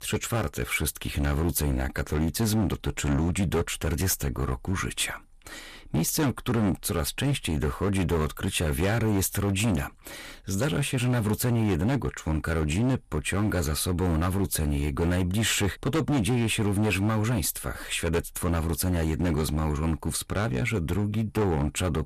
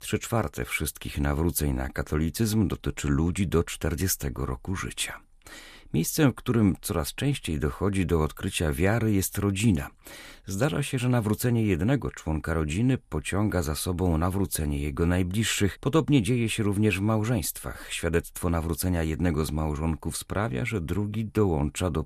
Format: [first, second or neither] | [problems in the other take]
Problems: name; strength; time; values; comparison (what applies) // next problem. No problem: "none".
second | distortion; heavy; 14% of the sound clipped